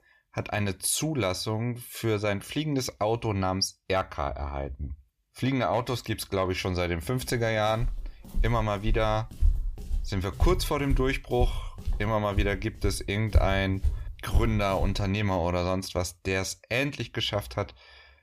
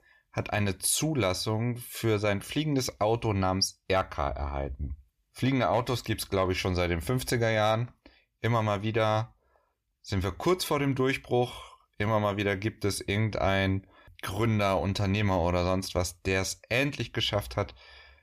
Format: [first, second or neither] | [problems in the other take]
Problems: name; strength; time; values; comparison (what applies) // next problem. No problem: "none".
second | footsteps; loud; from 8 to 15 s; peak 1 dB above the speech